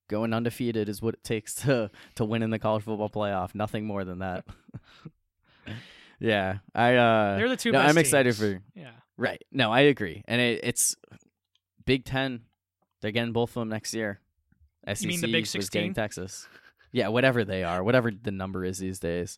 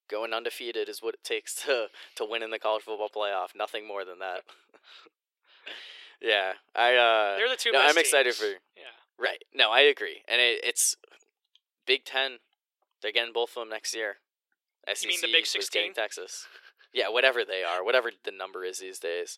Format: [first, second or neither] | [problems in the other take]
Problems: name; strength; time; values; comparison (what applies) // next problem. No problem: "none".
first | thin; very; fading below 400 Hz